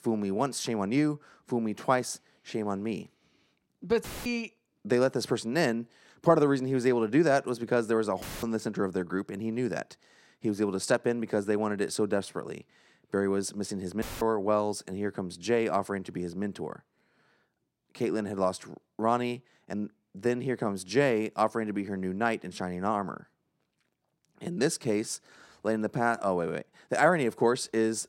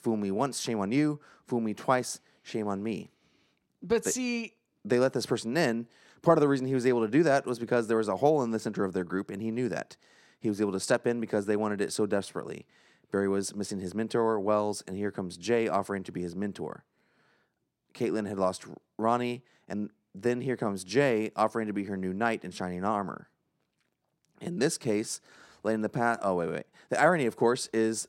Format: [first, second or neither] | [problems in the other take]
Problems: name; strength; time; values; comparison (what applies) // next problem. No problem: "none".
second | audio cutting out; filled with static; at 4 s, at 8 s and at 14 s